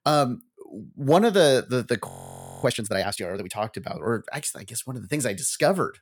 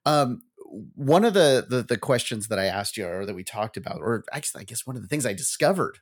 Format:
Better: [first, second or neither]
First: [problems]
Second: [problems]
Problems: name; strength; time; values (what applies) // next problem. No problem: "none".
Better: second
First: audio freezing; at 2 s for 0.5 s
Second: none